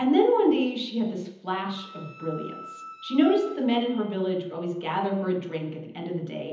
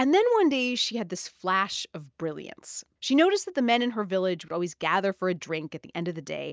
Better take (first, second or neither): second